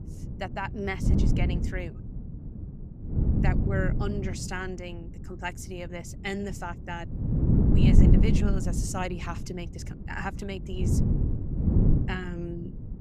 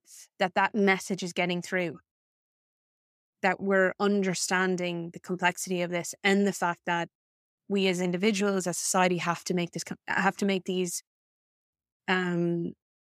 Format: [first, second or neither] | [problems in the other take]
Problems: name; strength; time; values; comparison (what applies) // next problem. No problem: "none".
second | wind noise on the microphone; heavy; as loud as the speech